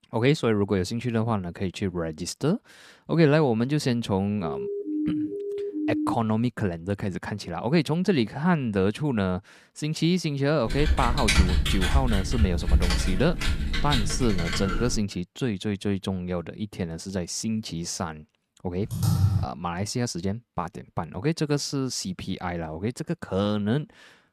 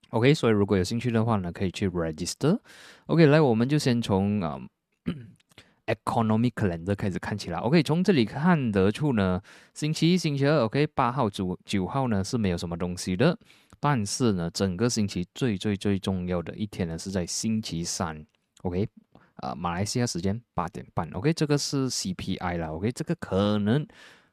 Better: second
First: siren; noticeable; from 4.5 to 6 s; peak level with the speech // keyboard typing; loud; from 11 to 15 s and at 19 s; peak 5 dB above the speech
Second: none

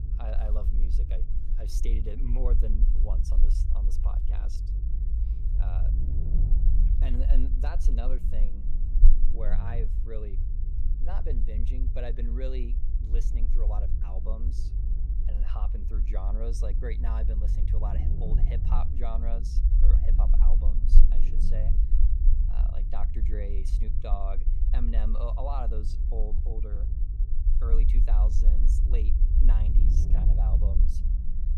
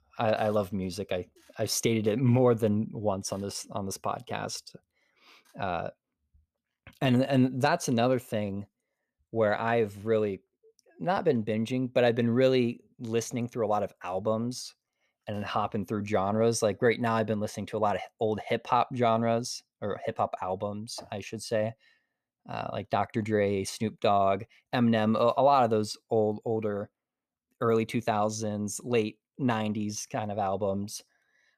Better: second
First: low rumble; loud; throughout; 5 dB below the speech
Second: none

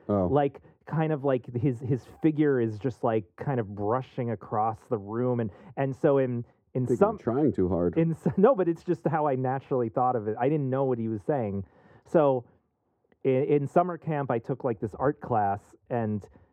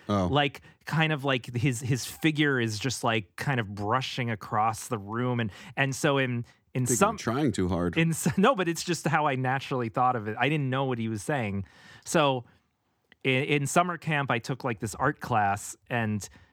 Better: second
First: muffled; very; fading above 2 kHz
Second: none

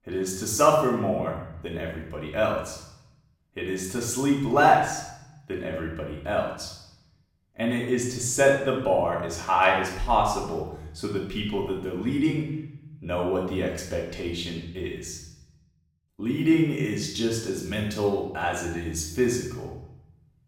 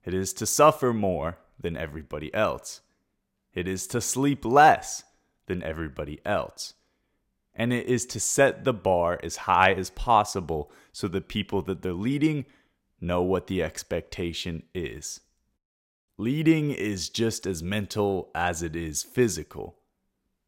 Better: second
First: room echo; noticeable; dies away in 0.8 s // off-mic speech; far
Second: none

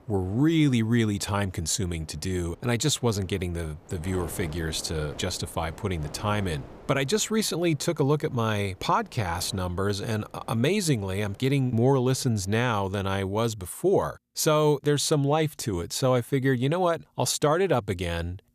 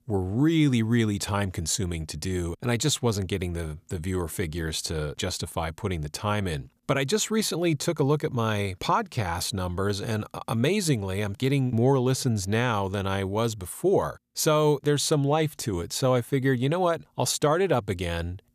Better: second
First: wind noise on the microphone; occasional gusts; until 12 s; 20 dB below the speech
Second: none

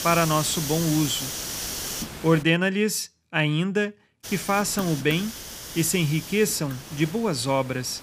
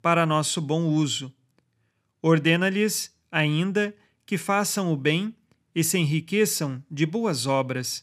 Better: second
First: hiss; loud; until 2.5 s and from 4 s on; 8 dB below the speech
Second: none

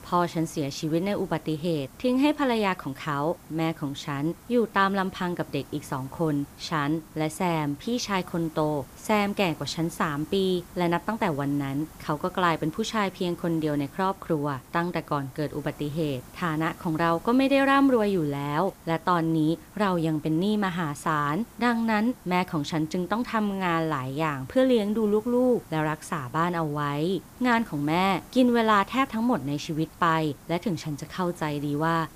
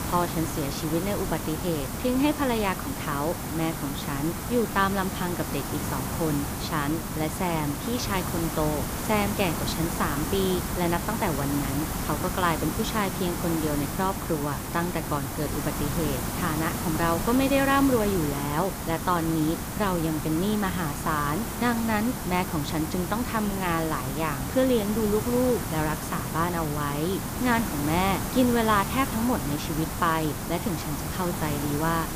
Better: first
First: hiss; faint; throughout; 20 dB below the speech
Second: hiss; loud; throughout; 4 dB below the speech

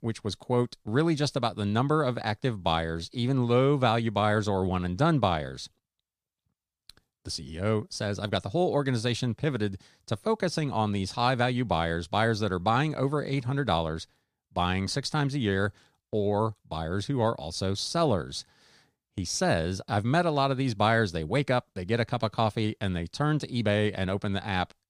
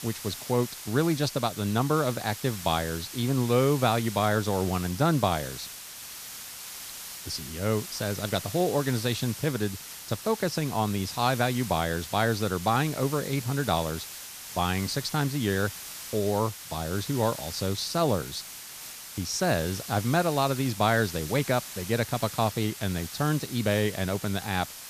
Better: first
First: none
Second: hiss; noticeable; throughout; 10 dB below the speech

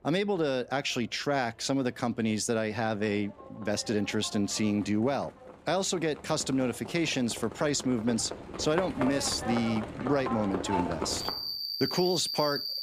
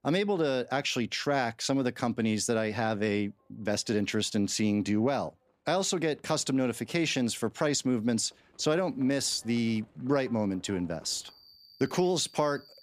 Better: second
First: animal sounds; loud; throughout; 6 dB below the speech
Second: animal sounds; faint; throughout; 30 dB below the speech

